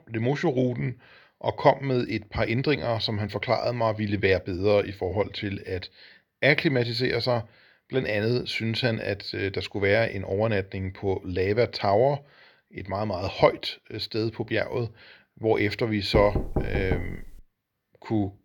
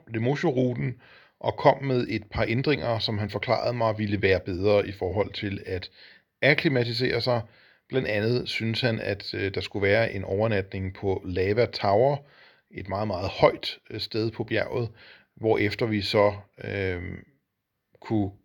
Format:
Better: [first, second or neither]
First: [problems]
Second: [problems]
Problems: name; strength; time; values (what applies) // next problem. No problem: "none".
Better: second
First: door banging; noticeable; from 16 to 17 s; peak 3 dB below the speech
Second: none